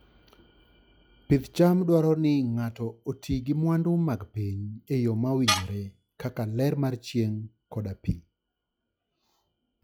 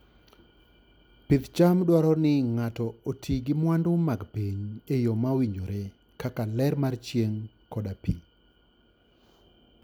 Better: second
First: noise reduction (classical method log-MMSE)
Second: none

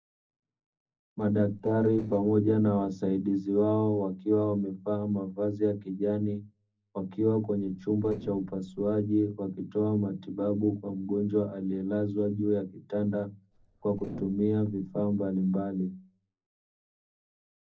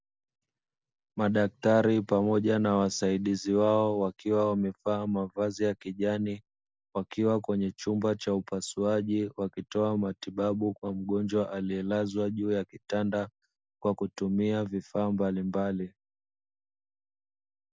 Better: second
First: noise reduction (neural separator model SepFormer DNS4)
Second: none

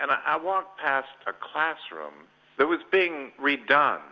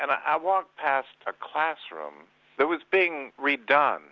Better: second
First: room echo; dies away in 0.7 s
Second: none

